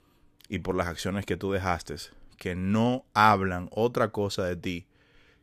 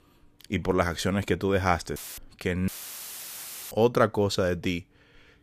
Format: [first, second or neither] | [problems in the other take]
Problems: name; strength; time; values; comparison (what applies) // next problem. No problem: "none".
first | audio cutting out; filled with static; at 2 s and at 2.5 s for 1 s